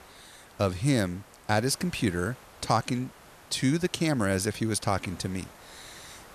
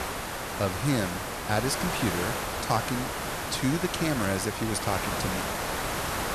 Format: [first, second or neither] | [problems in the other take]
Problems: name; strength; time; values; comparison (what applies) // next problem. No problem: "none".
first | hiss; loud; throughout; 1 dB below the speech; faint in the first